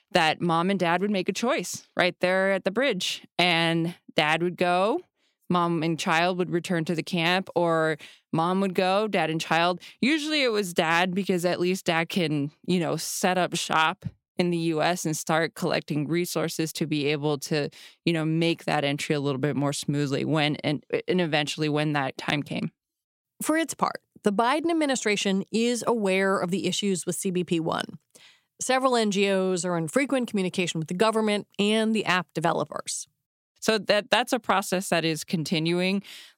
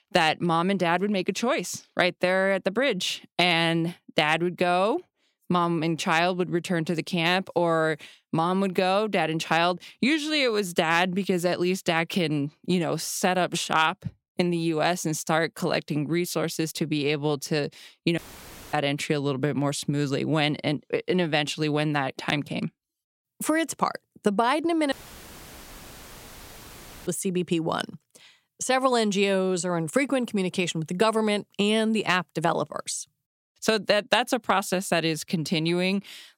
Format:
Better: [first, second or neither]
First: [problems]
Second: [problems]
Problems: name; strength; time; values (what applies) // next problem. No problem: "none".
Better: first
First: none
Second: audio cutting out; filled with static; at 18 s for 0.5 s and at 25 s for 2 s